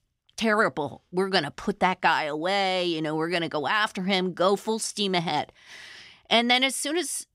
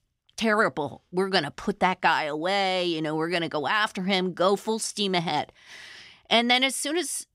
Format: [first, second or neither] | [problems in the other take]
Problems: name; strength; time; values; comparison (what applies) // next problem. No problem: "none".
neither | none